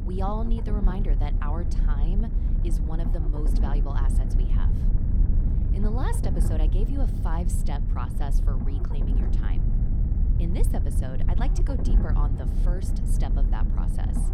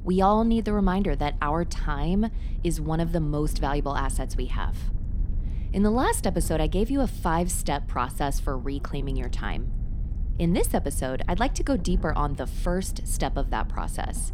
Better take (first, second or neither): second